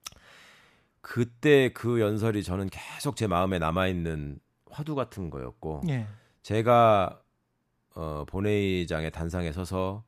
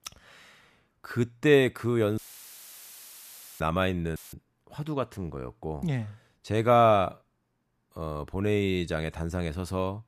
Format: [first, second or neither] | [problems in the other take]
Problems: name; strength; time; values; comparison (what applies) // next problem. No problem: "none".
first | audio cutting out; filled with static; at 2 s for 1.5 s and at 4 s